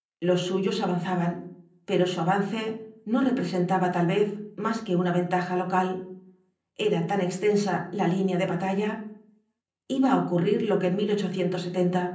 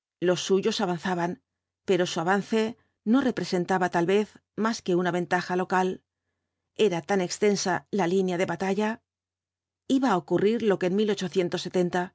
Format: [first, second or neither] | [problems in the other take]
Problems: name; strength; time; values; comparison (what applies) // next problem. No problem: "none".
second | room echo; dies away in 0.6 s